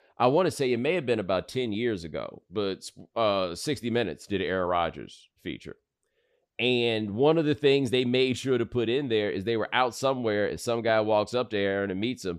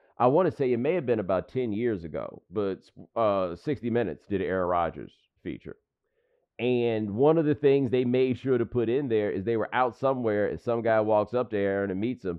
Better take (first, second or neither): first